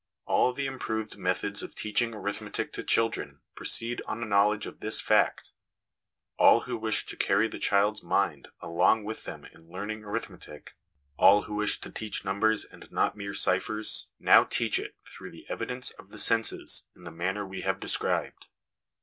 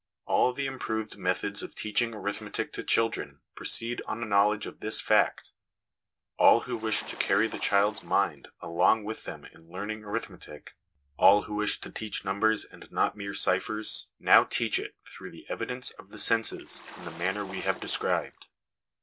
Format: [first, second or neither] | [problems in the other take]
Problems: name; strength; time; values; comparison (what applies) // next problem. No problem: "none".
first | noise reduction (neural separator model SepFormer DNS4)